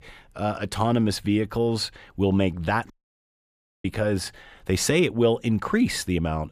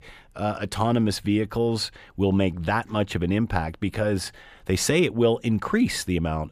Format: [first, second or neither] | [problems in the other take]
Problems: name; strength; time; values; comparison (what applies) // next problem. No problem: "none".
second | audio cutting out; at 3 s for 1 s